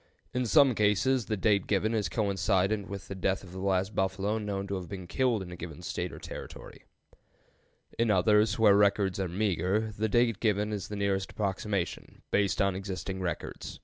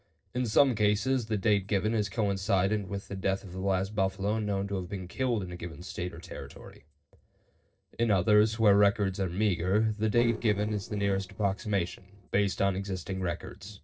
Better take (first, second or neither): first